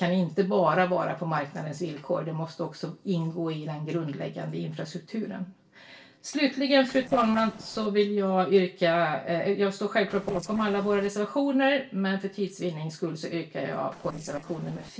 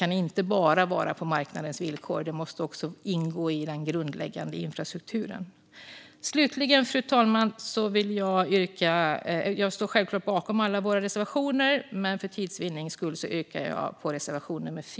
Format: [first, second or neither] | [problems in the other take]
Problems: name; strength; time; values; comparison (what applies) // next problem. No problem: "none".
second | noise reduction (neural separator model SepFormer DNS4)